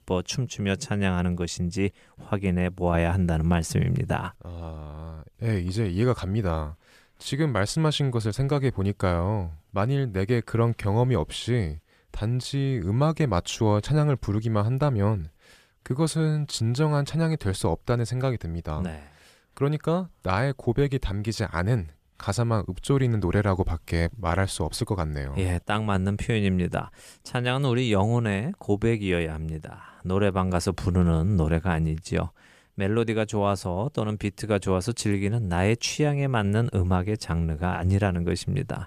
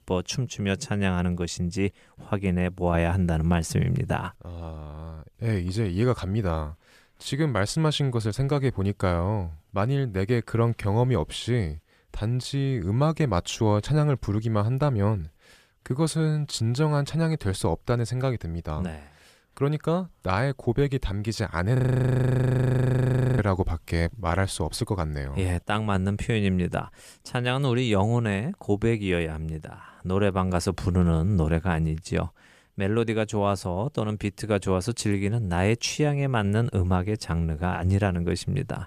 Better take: first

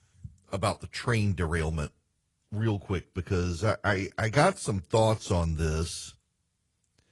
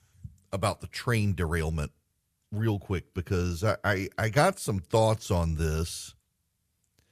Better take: second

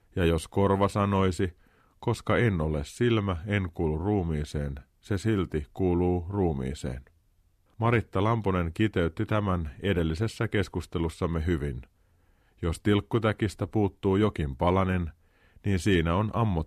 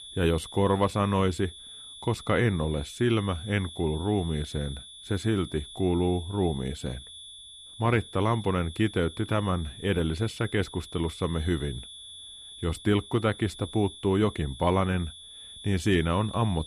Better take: first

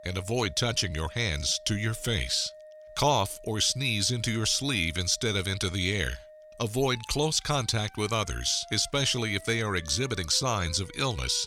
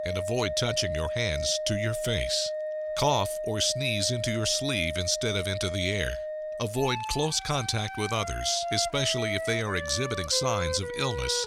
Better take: first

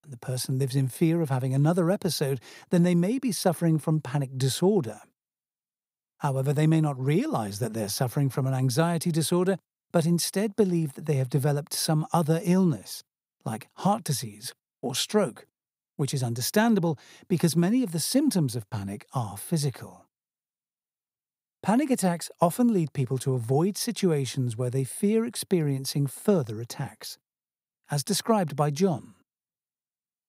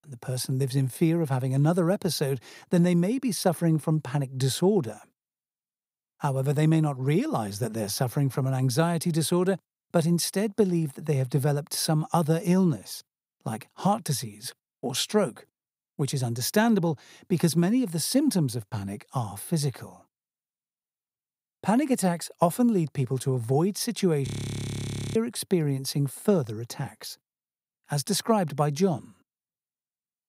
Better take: first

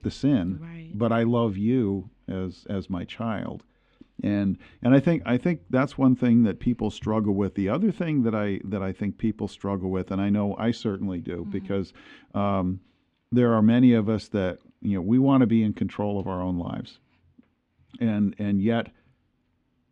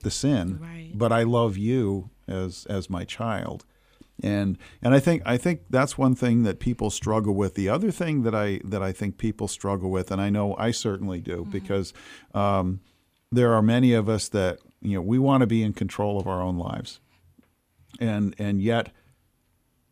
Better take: second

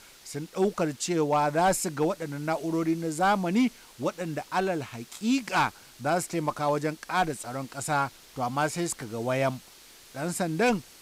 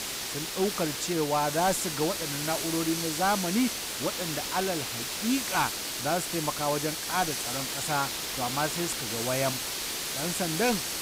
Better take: first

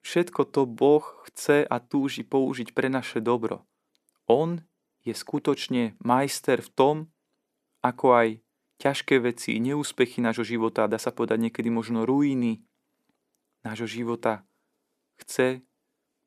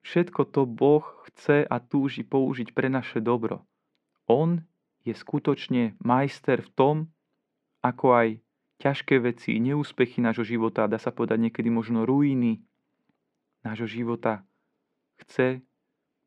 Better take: first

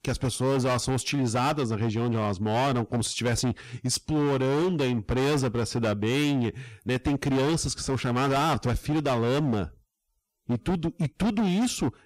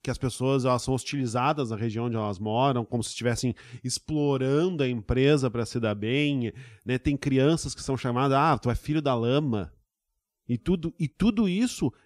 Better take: second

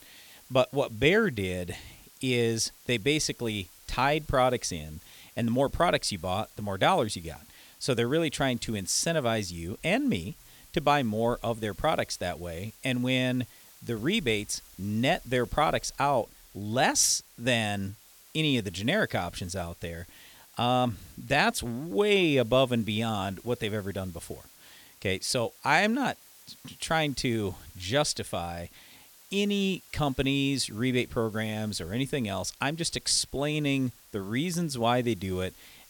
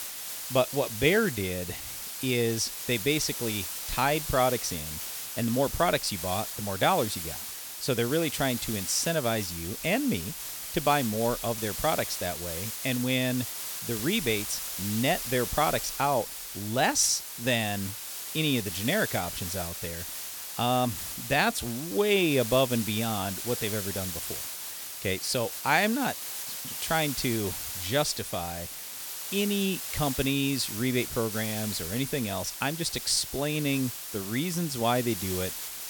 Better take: first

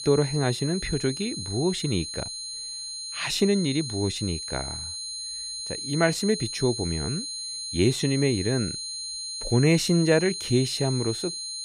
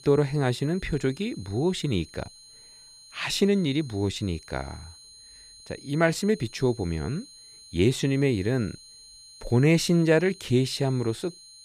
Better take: second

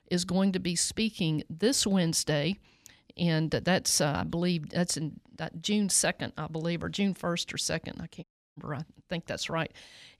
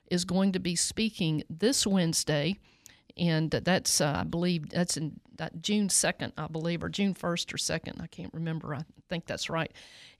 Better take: second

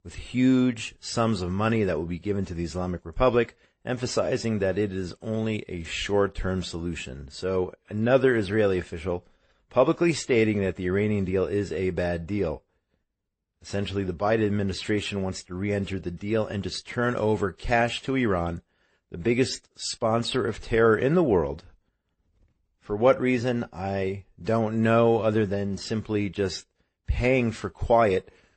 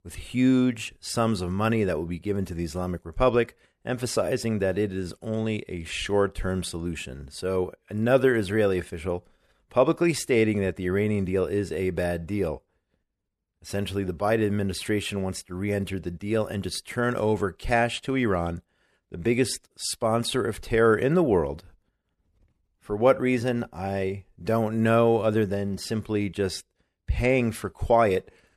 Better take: second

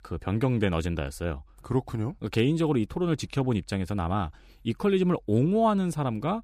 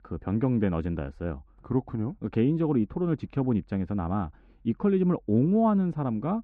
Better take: first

